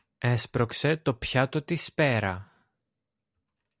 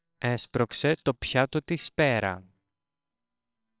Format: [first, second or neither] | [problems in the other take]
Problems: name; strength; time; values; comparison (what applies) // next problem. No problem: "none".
first | noise reduction (neural separator model SepFormer WHAMR!)